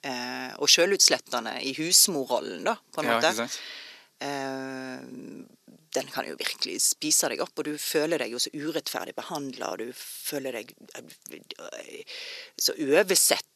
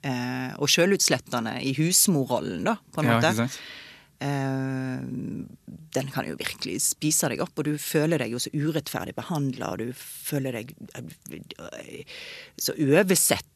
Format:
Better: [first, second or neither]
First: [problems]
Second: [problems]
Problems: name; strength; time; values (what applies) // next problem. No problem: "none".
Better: second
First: thin; somewhat; fading below 400 Hz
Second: none